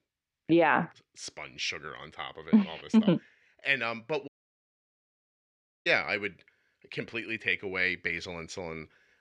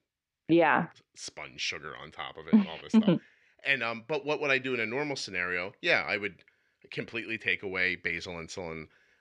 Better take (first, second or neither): second